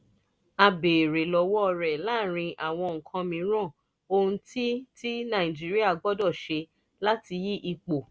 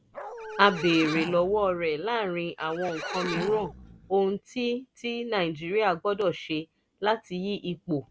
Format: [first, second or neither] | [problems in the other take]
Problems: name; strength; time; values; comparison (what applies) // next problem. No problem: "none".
first | background sound (Livestock, farm animals, working animals + Dog); 10 dB below the speech